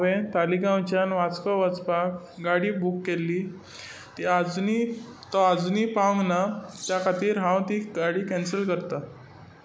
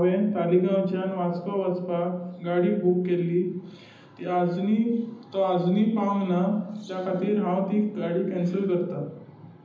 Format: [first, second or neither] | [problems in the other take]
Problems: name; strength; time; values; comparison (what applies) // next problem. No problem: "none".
first | room echo; dies away in 0.8 s